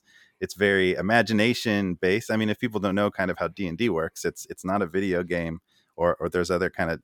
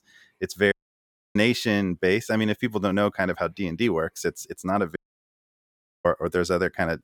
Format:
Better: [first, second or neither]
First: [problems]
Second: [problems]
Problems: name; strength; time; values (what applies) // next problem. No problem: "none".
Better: first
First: none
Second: audio cutting out; at 0.5 s for 0.5 s and at 5 s for 1 s